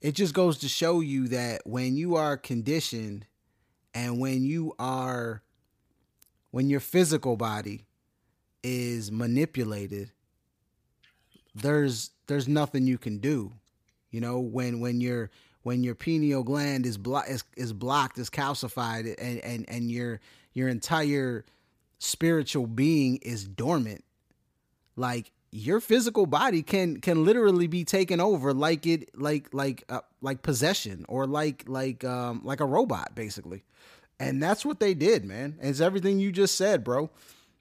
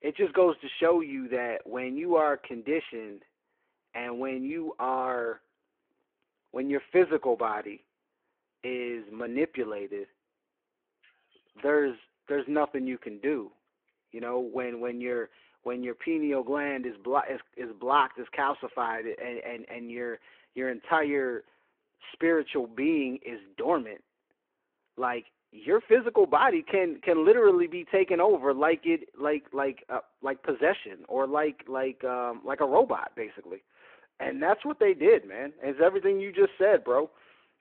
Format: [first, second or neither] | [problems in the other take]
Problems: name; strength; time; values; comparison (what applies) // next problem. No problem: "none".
first | phone-call audio